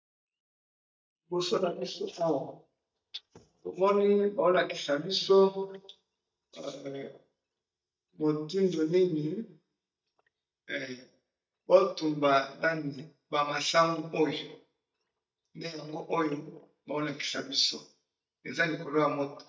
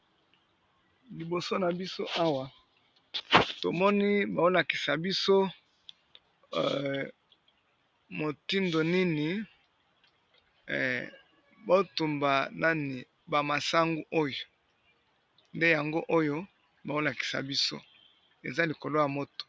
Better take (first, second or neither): second